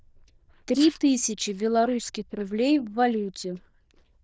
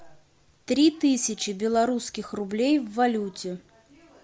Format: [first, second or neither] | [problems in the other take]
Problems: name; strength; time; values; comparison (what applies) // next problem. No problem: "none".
second | noise reduction (neural diffusion model UNIVERSE++)